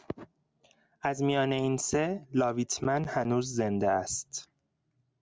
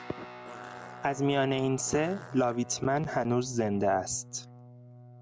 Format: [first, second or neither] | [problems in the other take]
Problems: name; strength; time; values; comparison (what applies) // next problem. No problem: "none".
first | background sound (Fart + Guitar); 16 dB below the speech